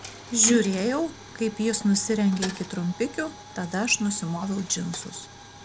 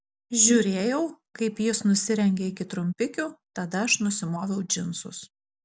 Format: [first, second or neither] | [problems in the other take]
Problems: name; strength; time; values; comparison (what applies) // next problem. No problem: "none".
second | background sound (Coin (dropping)); 15 dB below the speech